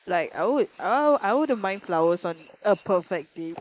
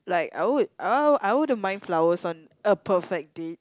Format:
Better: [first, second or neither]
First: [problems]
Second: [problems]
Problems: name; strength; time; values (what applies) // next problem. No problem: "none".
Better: second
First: noise reduction (neural mask model Resemble Enhance denoiser)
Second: none